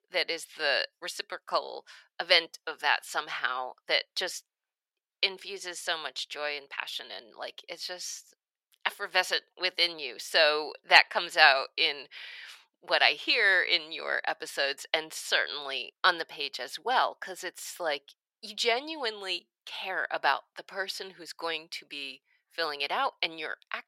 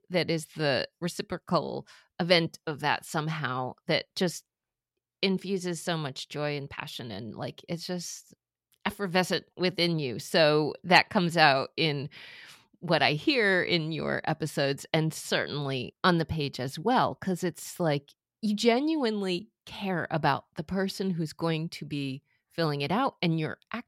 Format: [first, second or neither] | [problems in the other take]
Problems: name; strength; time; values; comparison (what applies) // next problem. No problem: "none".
second | thin; very; fading below 550 Hz